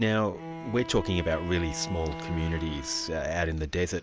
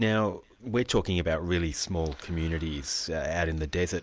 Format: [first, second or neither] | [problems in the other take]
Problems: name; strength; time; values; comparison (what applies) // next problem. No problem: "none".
second | background sound (Bowed string instrument); 11 dB below the speech